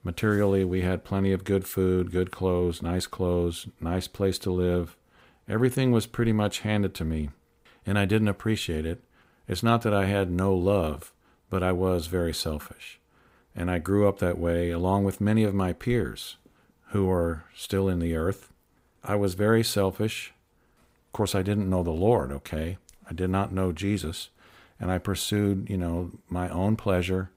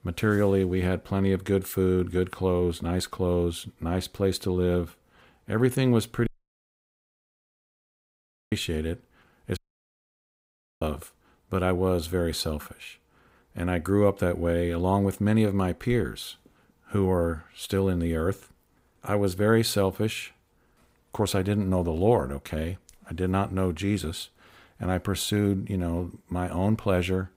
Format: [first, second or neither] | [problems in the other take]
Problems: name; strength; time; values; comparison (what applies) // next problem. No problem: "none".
first | audio cutting out; at 6.5 s for 2.5 s and at 9.5 s for 1 s